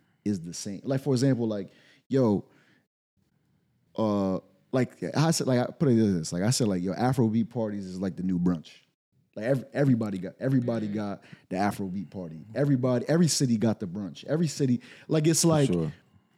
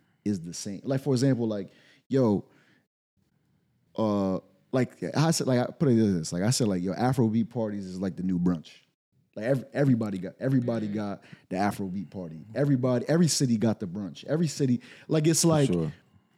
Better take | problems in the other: neither | none

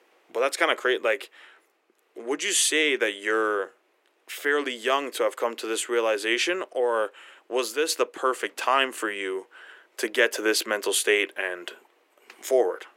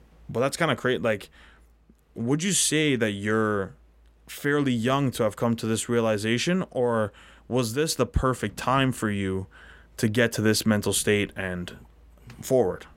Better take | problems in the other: second | thin; very; fading below 350 Hz

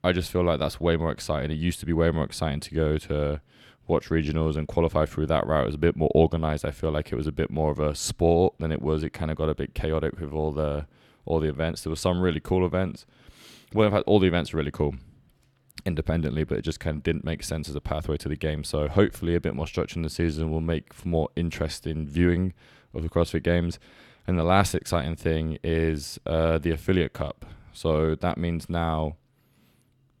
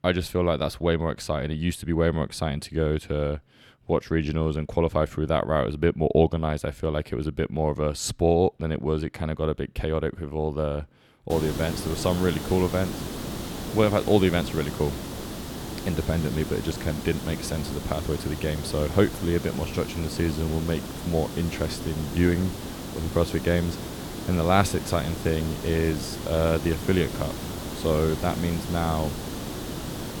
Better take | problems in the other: first | hiss; loud; from 11 s on; 8 dB below the speech

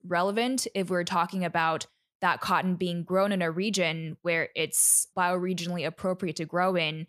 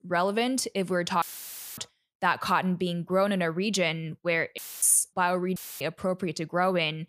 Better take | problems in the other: first | audio cutting out; filled with static; at 1 s for 0.5 s, at 4.5 s and at 5.5 s

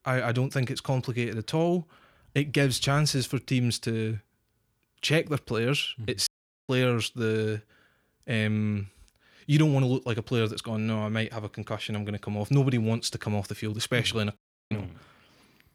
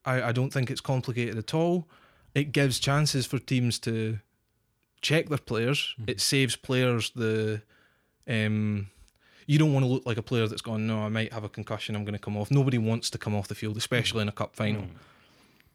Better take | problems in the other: second | audio cutting out; at 6.5 s and at 14 s

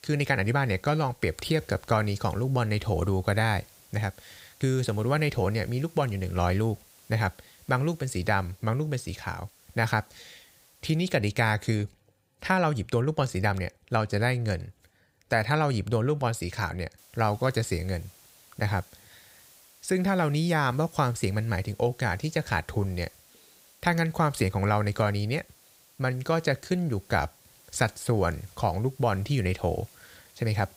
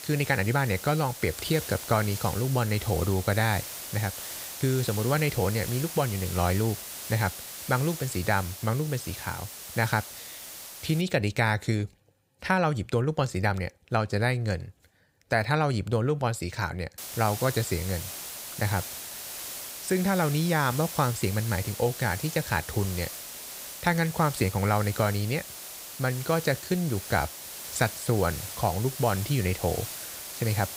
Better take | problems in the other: first | hiss; loud; until 11 s and from 17 s on; 9 dB below the speech; faint in the first

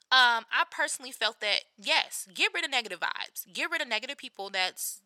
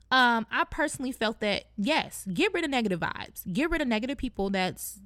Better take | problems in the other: second | thin; very; fading below 750 Hz

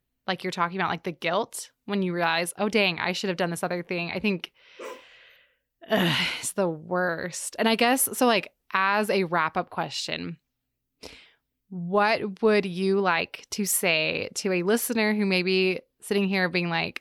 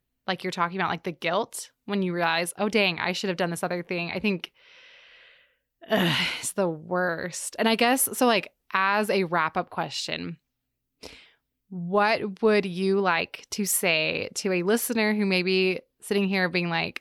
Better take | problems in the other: second | dog barking; faint; at 5 s; peak 15 dB below the speech

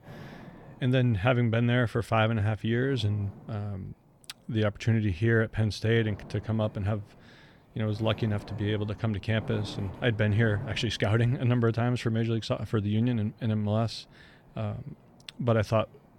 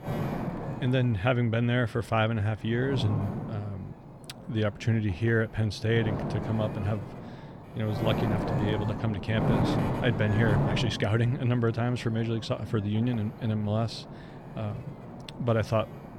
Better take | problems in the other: first | wind noise on the microphone; heavy; 5 dB below the speech; occasional gusts in the first

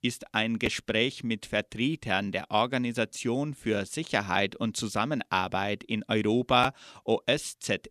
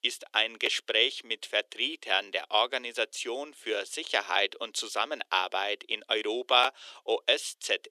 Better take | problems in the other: first | thin; very; fading below 350 Hz

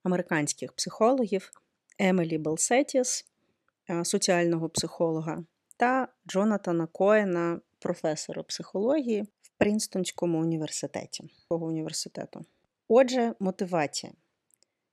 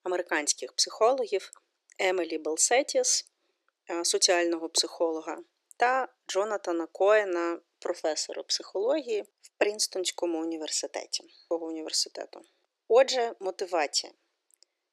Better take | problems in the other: first | thin; very; fading below 350 Hz

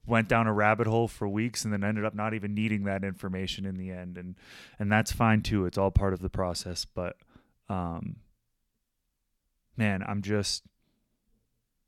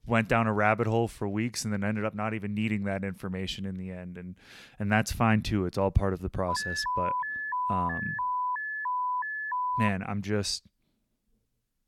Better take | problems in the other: first | alarm; loud; from 6.5 to 10 s; peak level with the speech

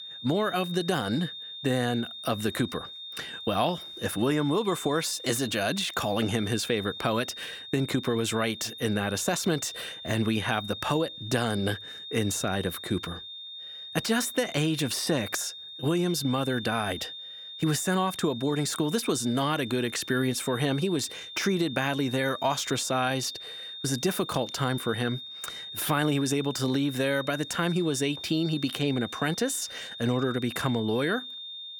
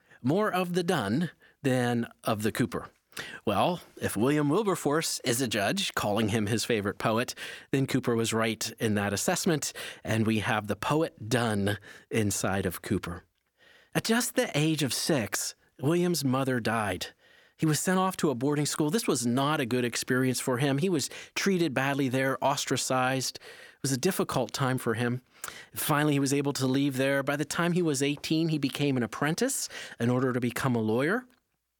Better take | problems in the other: second | high-pitched whine; noticeable; throughout; 3.5 kHz, 10 dB below the speech

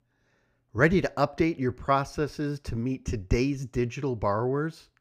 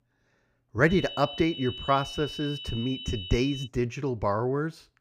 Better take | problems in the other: first | high-pitched whine; loud; from 1 to 3.5 s; 3 kHz, 10 dB below the speech

